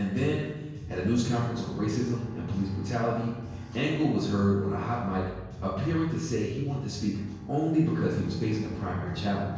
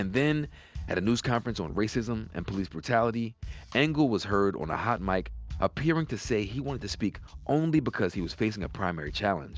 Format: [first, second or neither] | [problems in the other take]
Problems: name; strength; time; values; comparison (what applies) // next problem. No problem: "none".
second | background sound (Bowed string instrument); 17 dB below the speech // room echo; dies away in 1 s